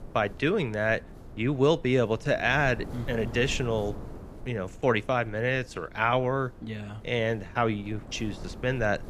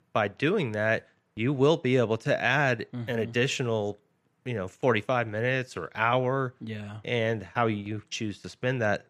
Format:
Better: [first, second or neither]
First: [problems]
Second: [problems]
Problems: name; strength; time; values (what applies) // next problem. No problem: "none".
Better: second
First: wind noise on the microphone; occasional gusts; 20 dB below the speech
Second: none